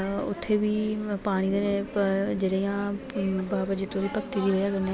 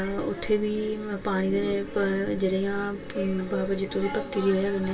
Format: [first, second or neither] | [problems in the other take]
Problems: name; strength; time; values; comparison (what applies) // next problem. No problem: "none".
first | room echo; dies away in 0.1 s